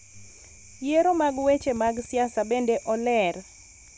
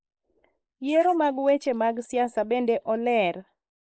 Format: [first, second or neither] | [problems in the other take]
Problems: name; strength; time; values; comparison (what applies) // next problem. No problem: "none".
first | noise reduction (neural mask model Resemble Enhance denoiser)